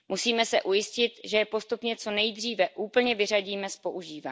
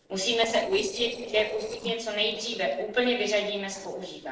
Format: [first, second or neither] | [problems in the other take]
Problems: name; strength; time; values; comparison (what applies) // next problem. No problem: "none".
first | noise reduction (neural separator model SepFormer DNS4)